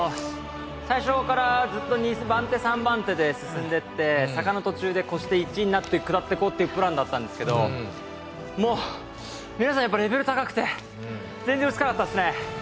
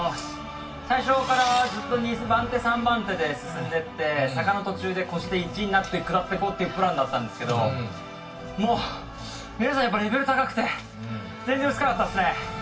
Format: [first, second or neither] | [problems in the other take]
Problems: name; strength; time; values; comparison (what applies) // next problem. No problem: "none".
first | background sound (Engine); 12 dB below the speech // room echo; dies away in 0.2 s